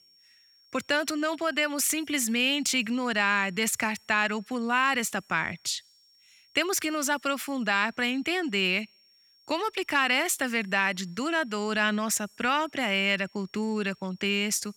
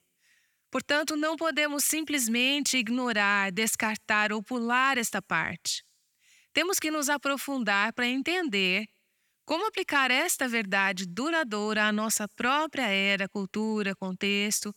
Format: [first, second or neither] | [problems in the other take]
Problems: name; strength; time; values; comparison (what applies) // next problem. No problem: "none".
second | high-pitched whine; faint; throughout; 5.5 kHz, 30 dB below the speech